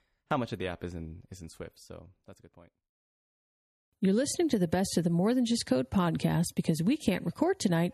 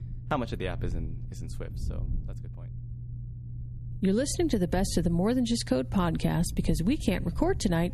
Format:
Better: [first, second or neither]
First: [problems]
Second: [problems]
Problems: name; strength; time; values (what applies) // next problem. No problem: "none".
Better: first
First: none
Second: low rumble; faint; throughout; 20 dB below the speech